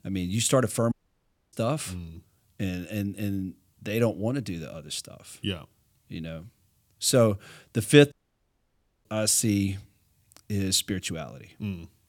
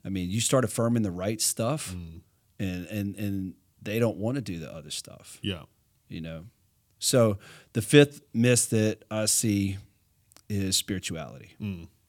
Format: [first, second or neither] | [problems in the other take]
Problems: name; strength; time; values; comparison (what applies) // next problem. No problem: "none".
second | audio cutting out; at 1 s for 0.5 s and at 8 s for 1 s